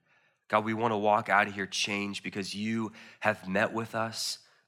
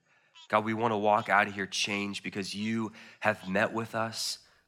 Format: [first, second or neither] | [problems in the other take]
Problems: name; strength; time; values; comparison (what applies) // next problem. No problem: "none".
first | animal sounds; faint; throughout; 25 dB below the speech